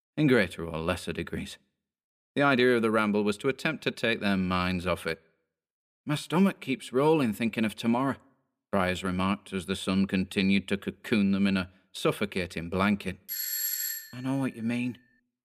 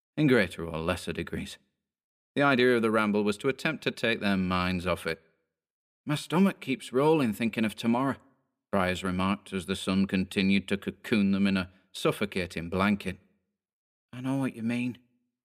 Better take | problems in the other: second | doorbell; loud; at 13 s; peak level with the speech

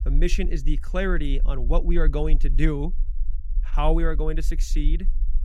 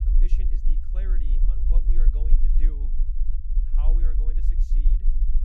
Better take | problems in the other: first | low rumble; loud; throughout; as loud as the speech; faint in the first

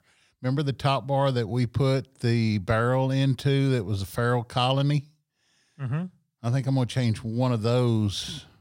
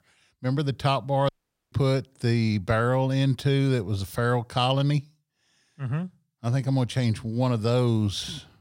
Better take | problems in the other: first | audio cutting out; at 1.5 s

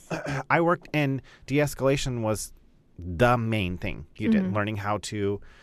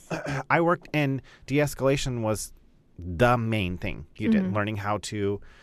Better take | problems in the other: neither | none

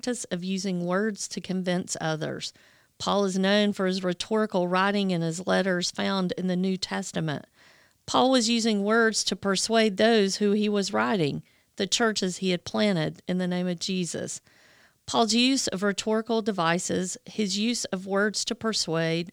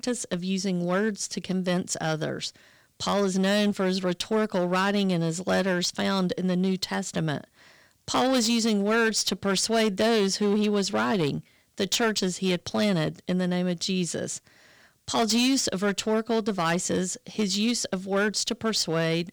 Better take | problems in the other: first | distortion; slight; 7% of the sound clipped

